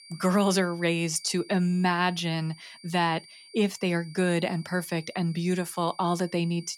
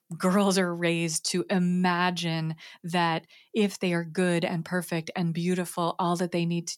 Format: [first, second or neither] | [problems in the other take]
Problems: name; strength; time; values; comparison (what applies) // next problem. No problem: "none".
second | high-pitched whine; faint; throughout; 4.5 kHz, 20 dB below the speech